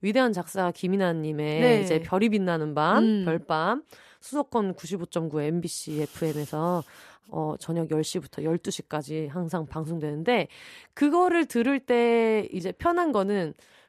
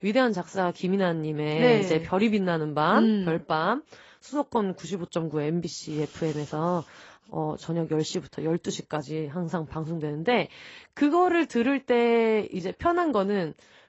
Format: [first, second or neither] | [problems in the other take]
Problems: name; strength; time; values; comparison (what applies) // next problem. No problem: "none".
first | garbled, watery; badly; nothing above 7.5 kHz